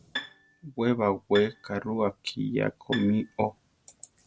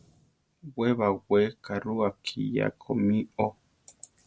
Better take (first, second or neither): second